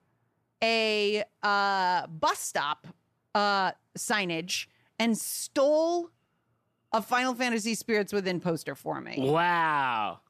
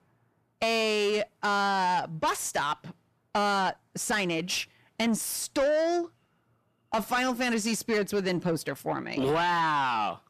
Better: first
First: none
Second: distortion; slight; 10 dB below the speech

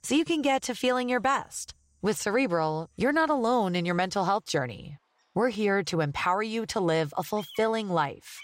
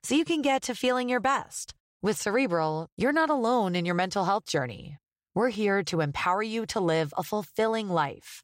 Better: second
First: animal sounds; faint; throughout; 25 dB below the speech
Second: none

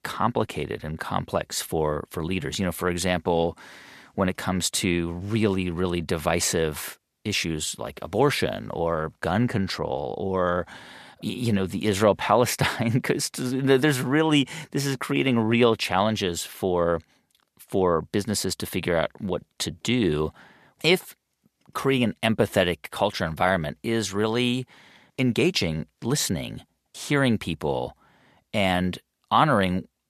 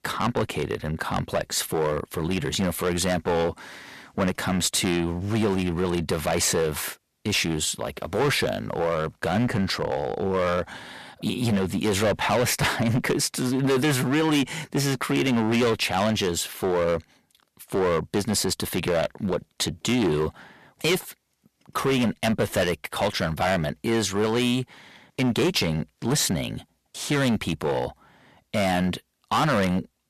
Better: first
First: none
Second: distortion; heavy; 11% of the sound clipped

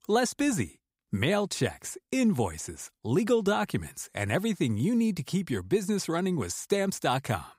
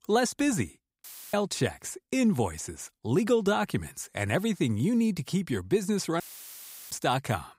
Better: first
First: none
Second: audio cutting out; filled with static; at 1 s and at 6 s for 0.5 s

